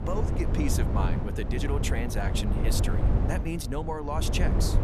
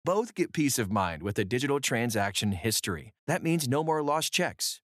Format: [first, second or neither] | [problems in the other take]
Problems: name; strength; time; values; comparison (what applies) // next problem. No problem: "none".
second | wind noise on the microphone; heavy; 3 dB below the speech